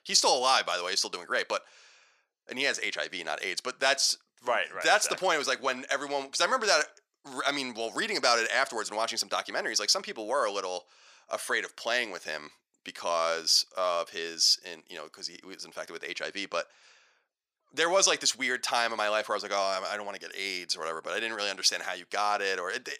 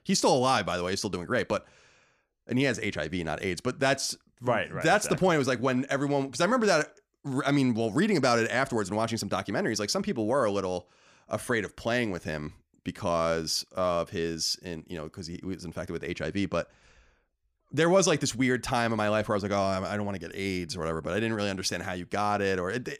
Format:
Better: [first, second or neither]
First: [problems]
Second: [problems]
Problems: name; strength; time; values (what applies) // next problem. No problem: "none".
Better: second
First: thin; very; fading below 650 Hz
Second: none